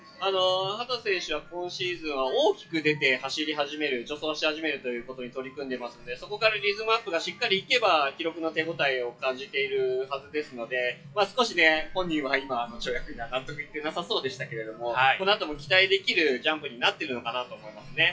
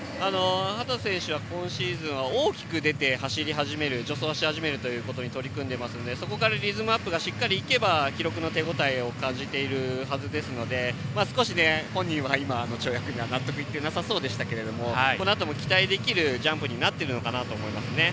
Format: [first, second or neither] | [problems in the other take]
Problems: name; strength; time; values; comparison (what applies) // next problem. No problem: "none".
second | noise reduction (classical method WPE with log-MMSE)